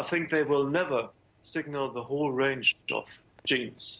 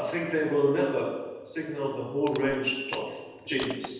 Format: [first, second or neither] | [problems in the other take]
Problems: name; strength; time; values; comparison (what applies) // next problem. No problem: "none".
first | background sound (Crushing); 18 dB below the speech // room echo; dies away in 1.1 s